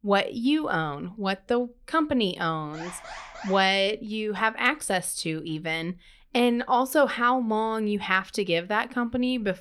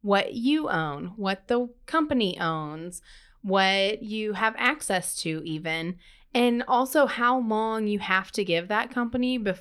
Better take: second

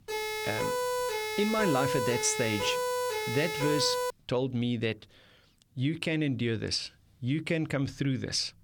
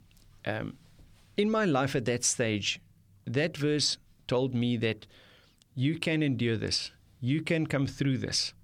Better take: second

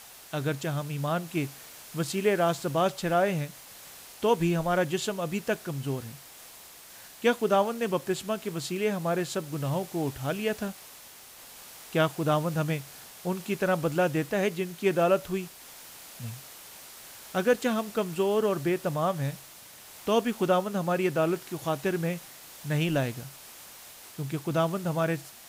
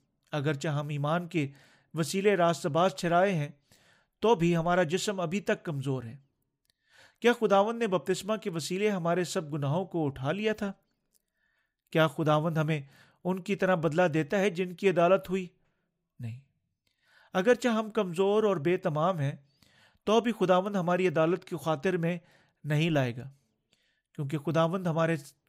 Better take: second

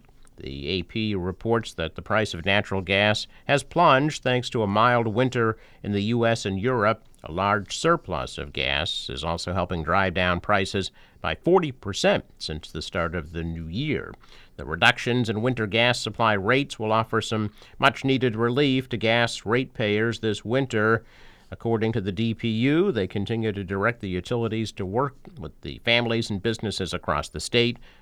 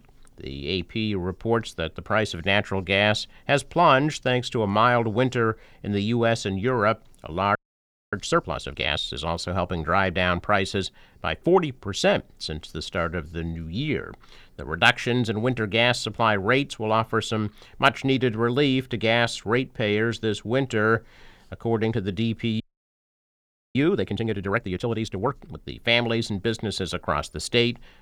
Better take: first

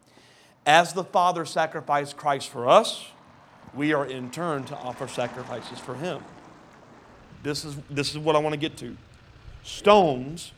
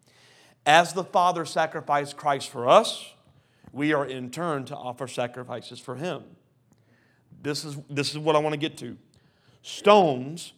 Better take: second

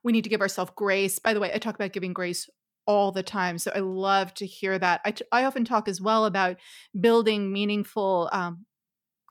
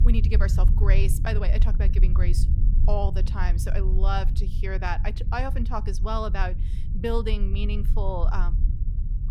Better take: first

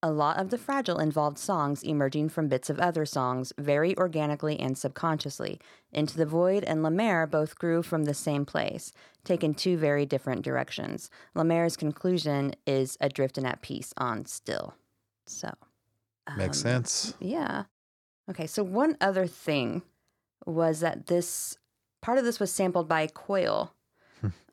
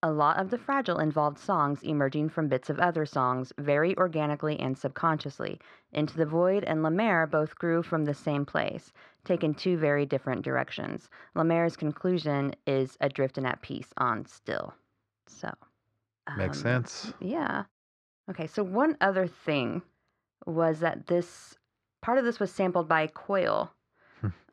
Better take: first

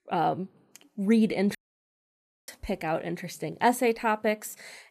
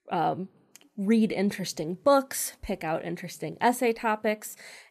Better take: second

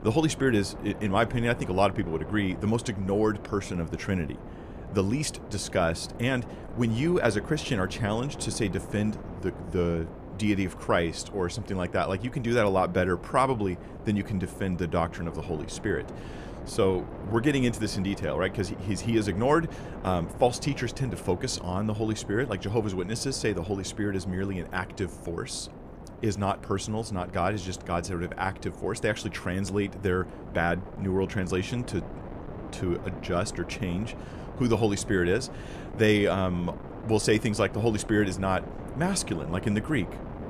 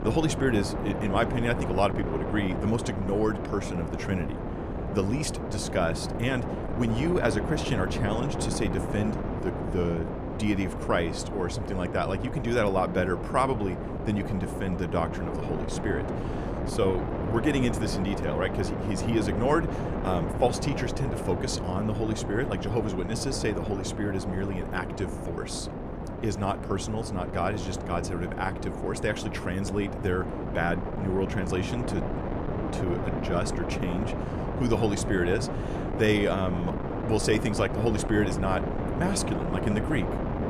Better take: first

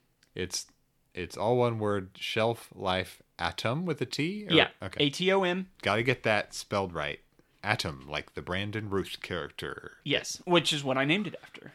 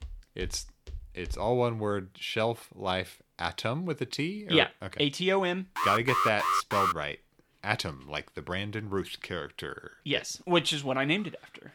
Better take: first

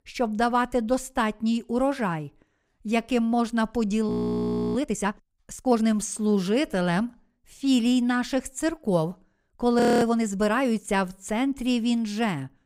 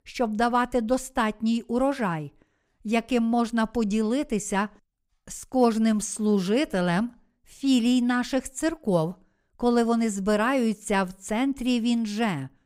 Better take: second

